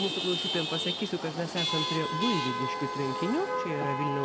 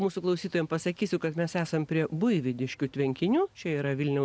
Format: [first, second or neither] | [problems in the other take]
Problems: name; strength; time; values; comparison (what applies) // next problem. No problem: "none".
second | background sound (Chatter / Traffic noise, roadway noise / Vehicle horn, car horn, honking / Engine); as loud as the speech